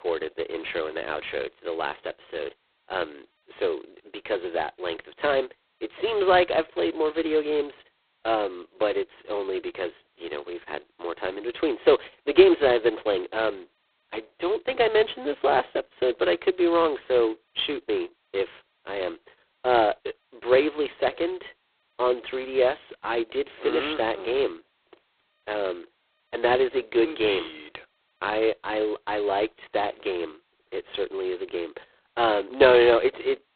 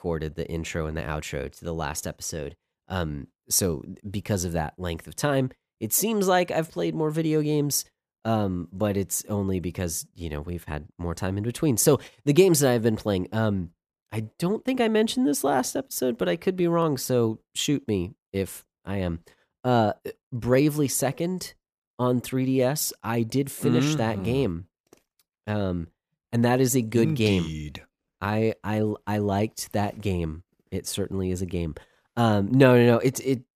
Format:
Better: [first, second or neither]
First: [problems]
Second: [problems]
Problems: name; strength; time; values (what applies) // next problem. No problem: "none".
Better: second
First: phone-call audio; poor line; nothing above 4 kHz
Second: none